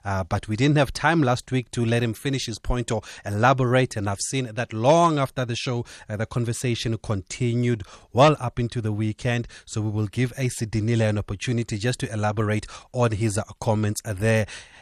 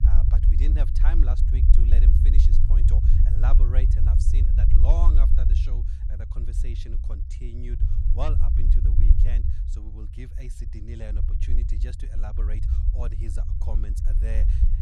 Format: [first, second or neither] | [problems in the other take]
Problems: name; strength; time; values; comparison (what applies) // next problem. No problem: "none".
first | low rumble; loud; throughout; as loud as the speech